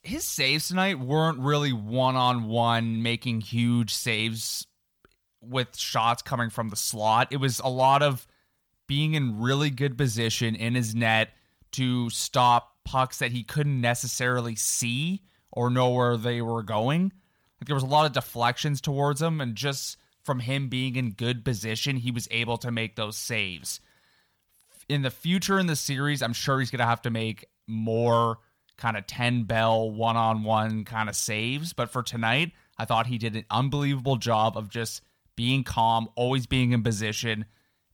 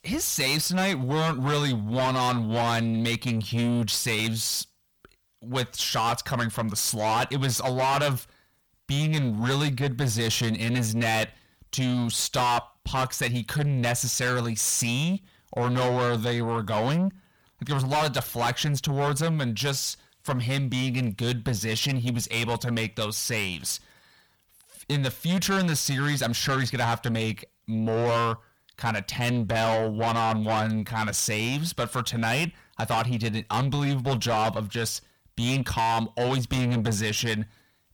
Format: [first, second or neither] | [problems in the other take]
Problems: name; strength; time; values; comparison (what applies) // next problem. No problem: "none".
first | distortion; heavy; 7 dB below the speech